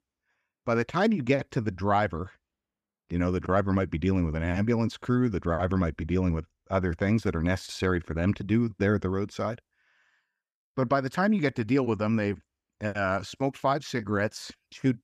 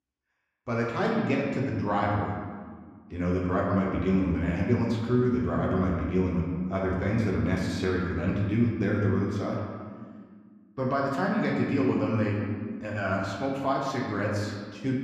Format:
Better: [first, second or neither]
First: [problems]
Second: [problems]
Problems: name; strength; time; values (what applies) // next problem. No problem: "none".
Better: first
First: none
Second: room echo; noticeable; dies away in 1.6 s // off-mic speech; far